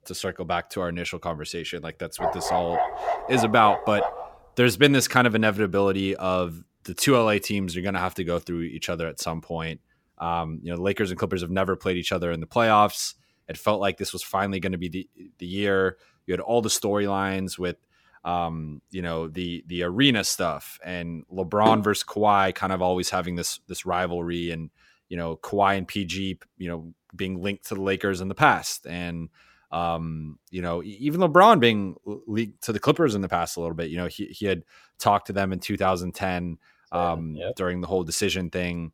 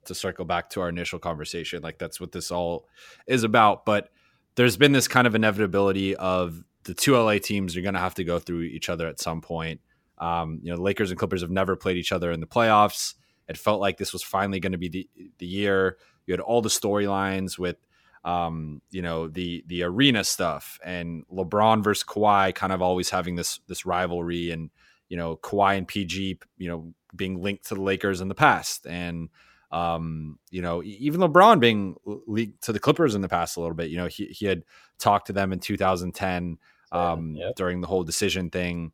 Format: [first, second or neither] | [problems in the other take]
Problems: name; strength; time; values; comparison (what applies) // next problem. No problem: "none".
second | dog barking; noticeable; from 2 to 4.5 s; peak 1 dB below the speech // clattering dishes; noticeable; at 22 s; peak 3 dB below the speech